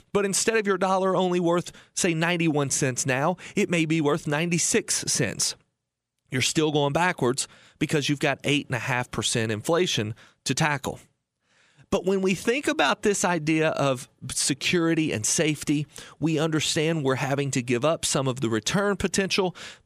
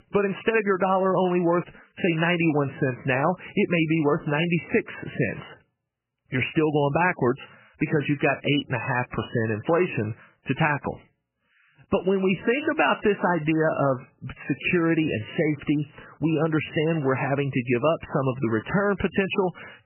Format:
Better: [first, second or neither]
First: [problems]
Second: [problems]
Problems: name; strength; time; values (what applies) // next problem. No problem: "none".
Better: first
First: none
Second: garbled, watery; badly; nothing above 3 kHz